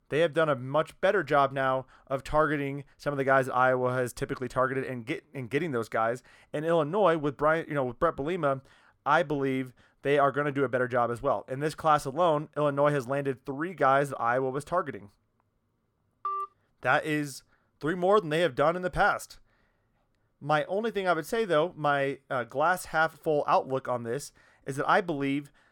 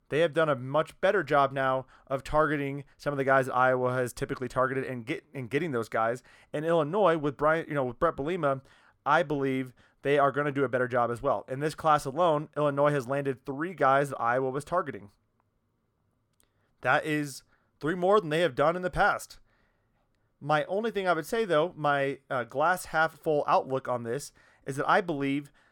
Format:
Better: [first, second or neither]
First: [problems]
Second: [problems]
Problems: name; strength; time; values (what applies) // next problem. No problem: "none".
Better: second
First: phone ringing; noticeable; at 16 s; peak 6 dB below the speech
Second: none